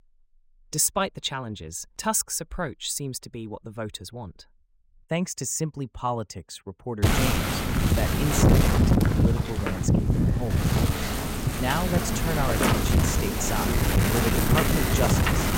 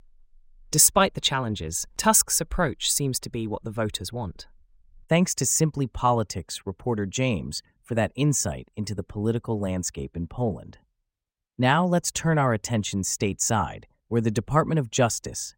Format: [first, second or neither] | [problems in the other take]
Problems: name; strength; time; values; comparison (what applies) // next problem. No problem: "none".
second | wind noise on the microphone; heavy; from 7 s on; 3 dB above the speech